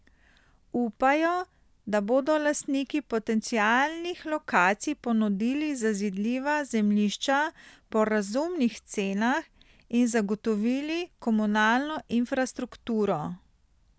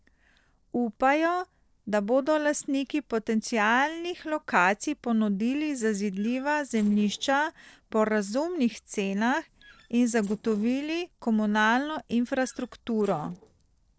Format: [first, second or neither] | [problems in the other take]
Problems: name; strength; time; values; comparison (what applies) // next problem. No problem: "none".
first | noise reduction (neural separator model SepFormer DNS4)